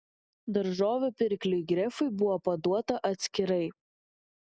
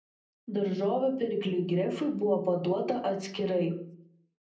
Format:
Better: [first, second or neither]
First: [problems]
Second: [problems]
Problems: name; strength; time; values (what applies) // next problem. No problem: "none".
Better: first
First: none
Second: room echo; dies away in 0.6 s